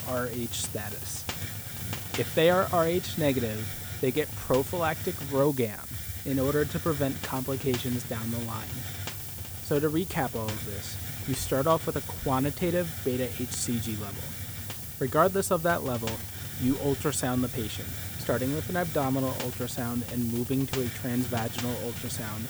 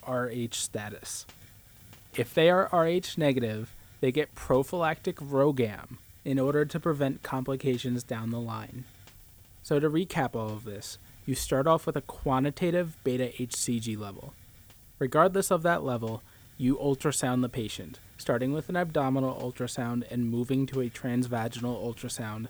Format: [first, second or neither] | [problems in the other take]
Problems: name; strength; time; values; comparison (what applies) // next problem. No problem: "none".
second | hiss; loud; throughout; 5 dB below the speech; faint in the second